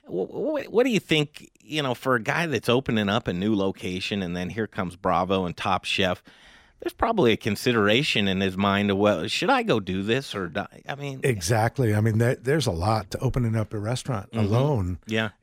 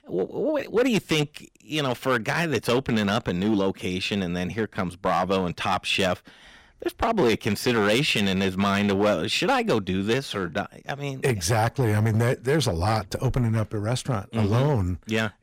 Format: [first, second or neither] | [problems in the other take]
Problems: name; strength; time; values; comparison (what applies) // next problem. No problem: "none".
first | distortion; slight; 6% of the sound clipped